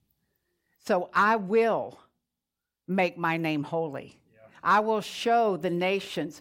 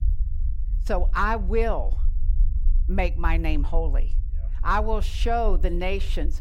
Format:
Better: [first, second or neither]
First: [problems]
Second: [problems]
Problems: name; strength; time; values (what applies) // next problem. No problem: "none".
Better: first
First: none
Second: low rumble; faint; throughout; 25 dB below the speech